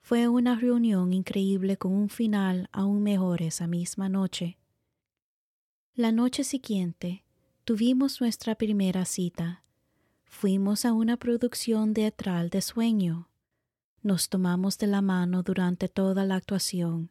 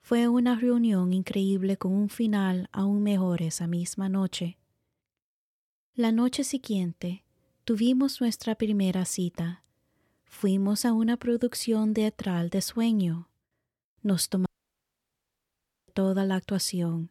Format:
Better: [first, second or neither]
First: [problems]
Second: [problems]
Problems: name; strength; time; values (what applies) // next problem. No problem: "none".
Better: first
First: none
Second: audio cutting out; at 14 s for 1.5 s